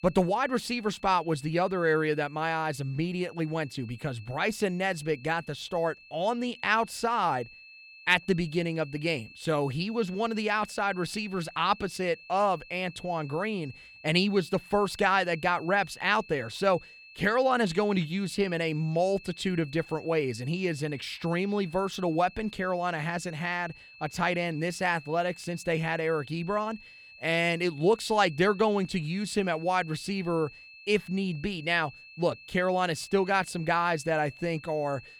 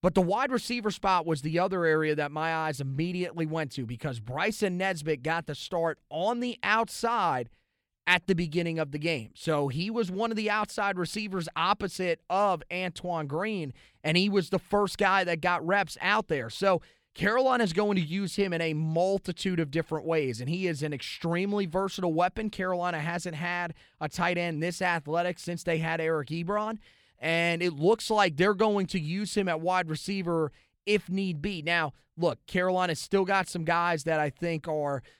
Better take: second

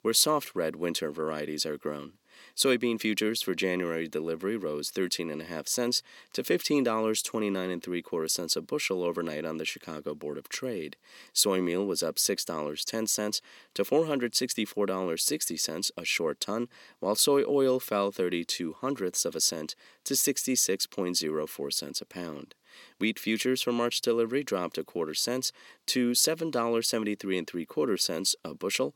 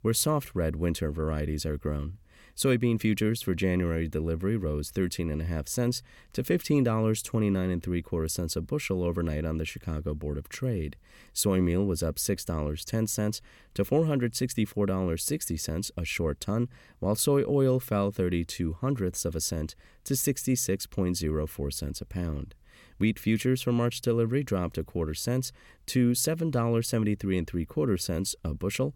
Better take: second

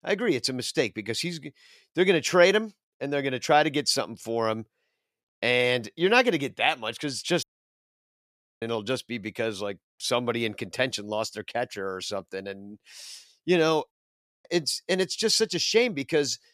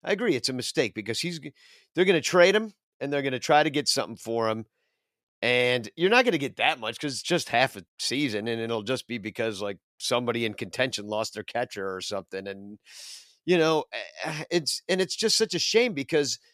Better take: second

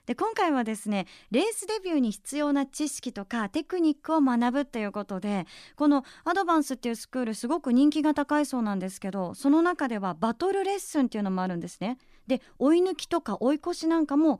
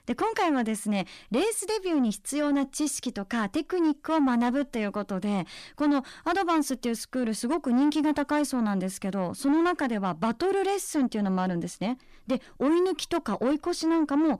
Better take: first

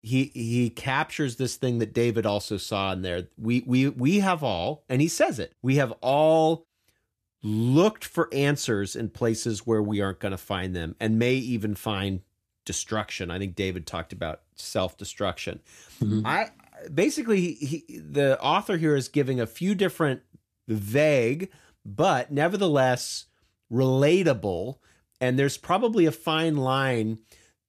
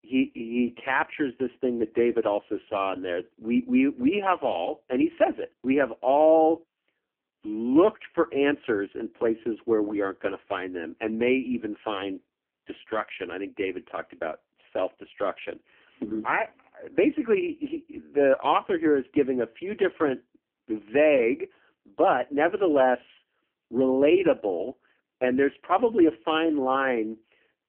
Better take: first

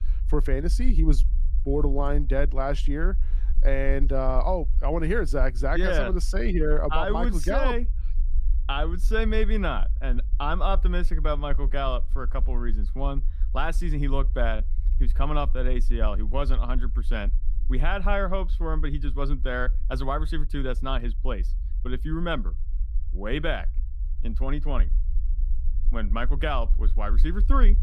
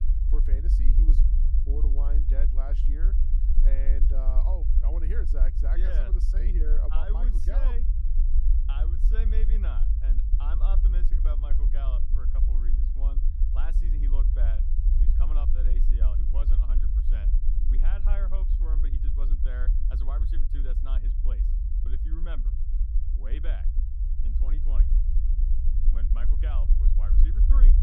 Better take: first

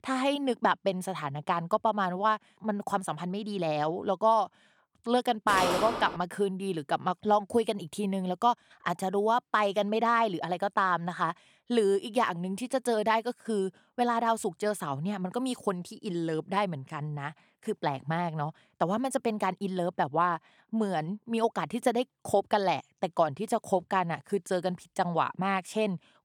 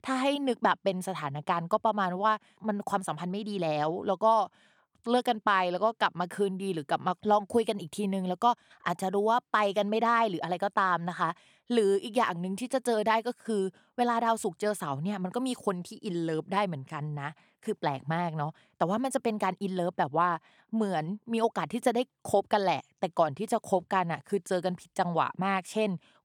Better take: second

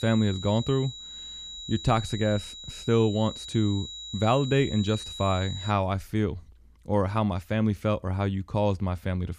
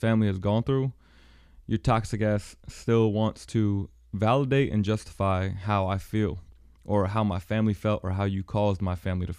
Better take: second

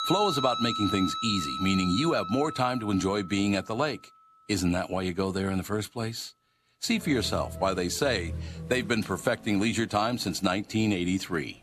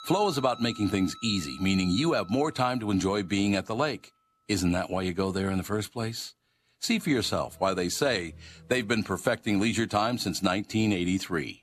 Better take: second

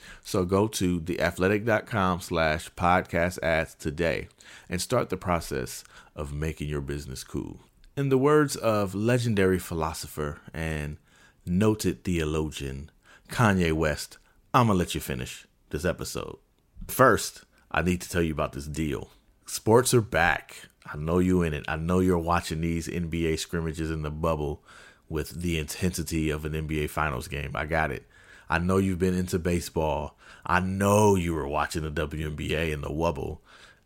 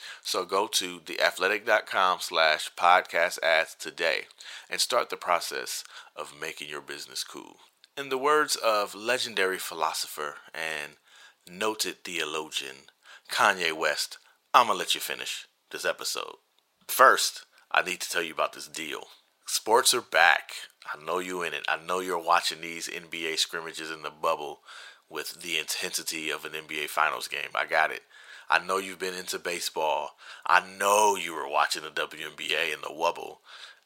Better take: first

